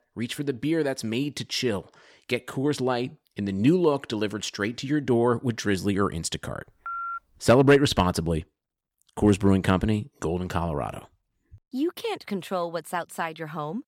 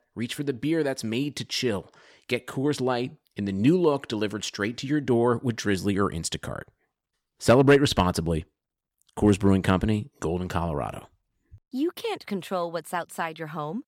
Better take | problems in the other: second | phone ringing; noticeable; at 7 s; peak 6 dB below the speech

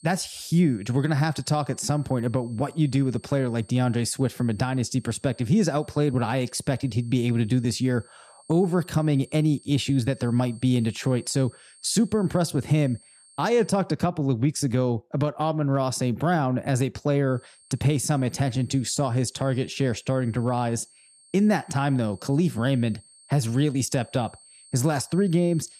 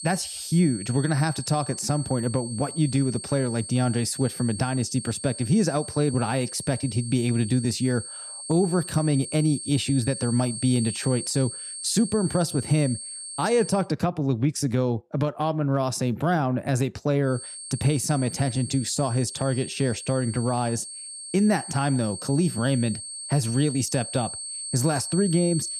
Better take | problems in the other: first | high-pitched whine; loud; until 14 s and from 17 s on; 8.5 kHz, 9 dB below the speech; faint in the first

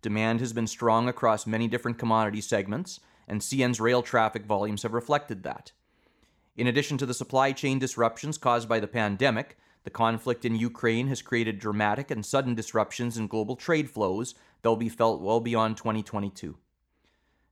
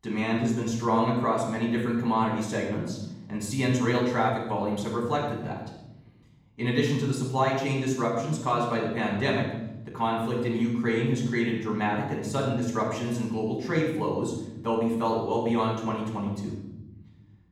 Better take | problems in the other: first | off-mic speech; far // room echo; noticeable; dies away in 1.3 s

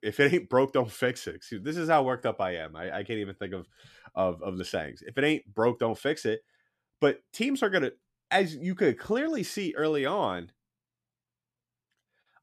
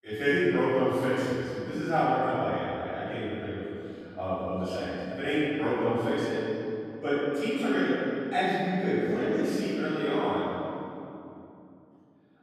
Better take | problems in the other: first | off-mic speech; far // room echo; strong; dies away in 2.8 s

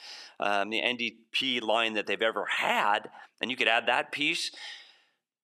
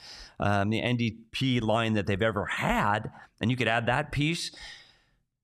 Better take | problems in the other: second | thin; somewhat; fading below 350 Hz

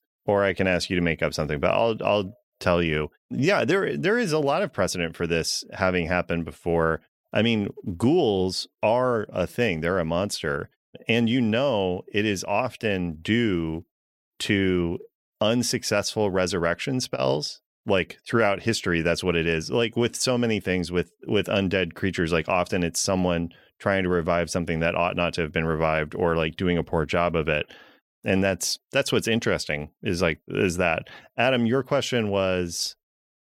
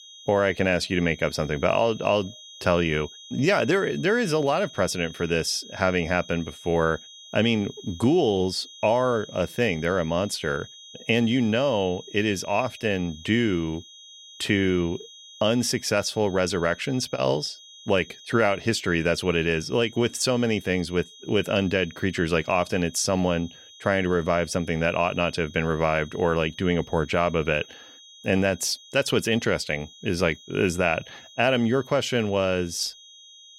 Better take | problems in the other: first | high-pitched whine; noticeable; throughout; 3.5 kHz, 20 dB below the speech

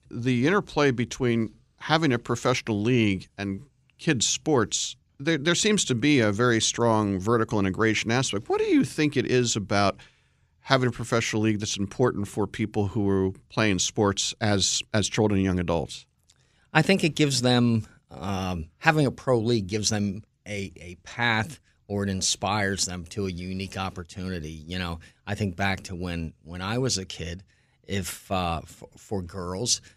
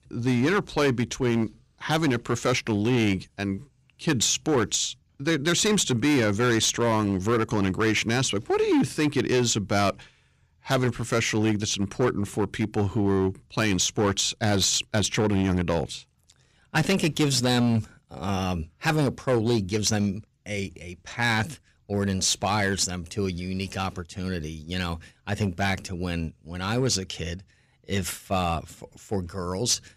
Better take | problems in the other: first | distortion; slight; 7% of the sound clipped

